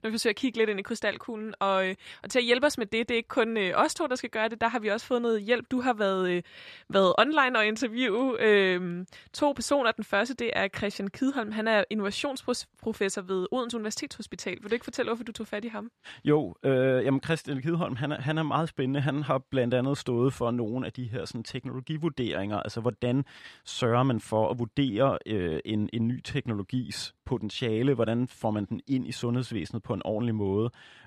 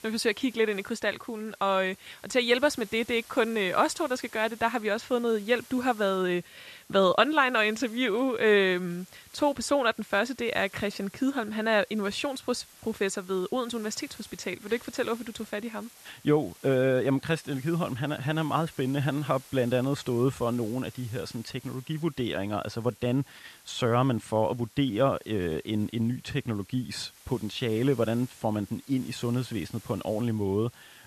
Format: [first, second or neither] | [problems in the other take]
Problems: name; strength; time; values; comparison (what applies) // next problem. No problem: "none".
first | hiss; faint; throughout; 25 dB below the speech